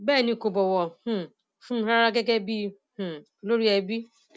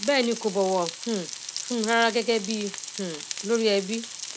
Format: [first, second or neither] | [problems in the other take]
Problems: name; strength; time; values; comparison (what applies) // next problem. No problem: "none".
first | background sound (Frying (food)); 10 dB below the speech